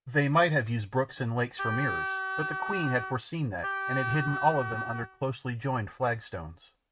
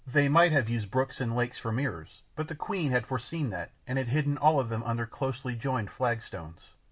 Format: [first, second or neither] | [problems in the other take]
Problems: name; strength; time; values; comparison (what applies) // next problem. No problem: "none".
second | noise reduction (neural mask model RNNoise)